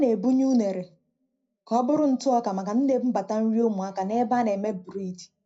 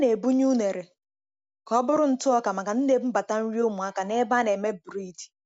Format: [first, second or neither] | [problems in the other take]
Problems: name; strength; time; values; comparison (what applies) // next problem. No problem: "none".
second | room echo; dies away in 0.4 s